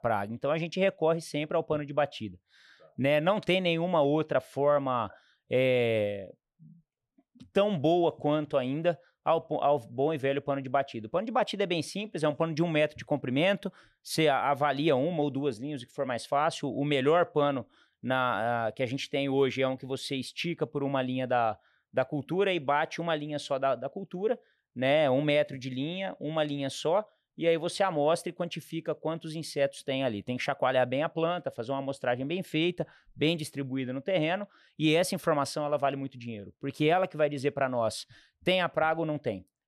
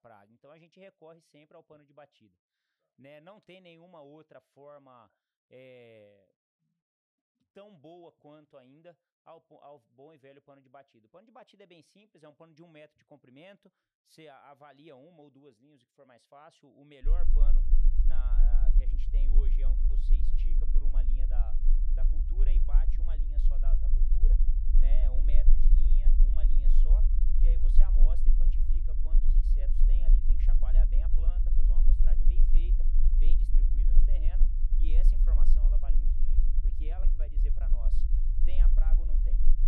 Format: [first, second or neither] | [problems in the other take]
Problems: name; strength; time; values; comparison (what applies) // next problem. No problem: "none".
first | low rumble; loud; from 17 s on; 1 dB below the speech